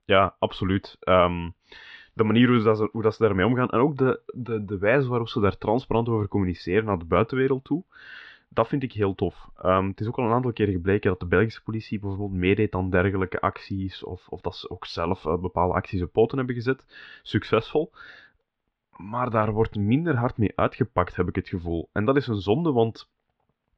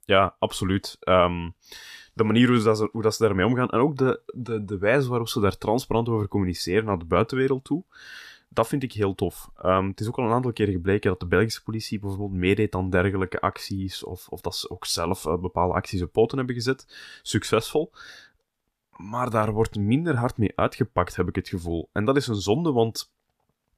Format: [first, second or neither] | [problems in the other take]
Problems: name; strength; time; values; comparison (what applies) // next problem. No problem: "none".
second | muffled; slightly; fading above 3.5 kHz